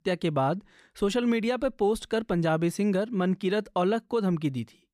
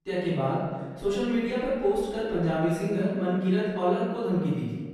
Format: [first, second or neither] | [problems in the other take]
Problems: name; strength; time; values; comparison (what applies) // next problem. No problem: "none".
first | off-mic speech; far // room echo; strong; dies away in 1.4 s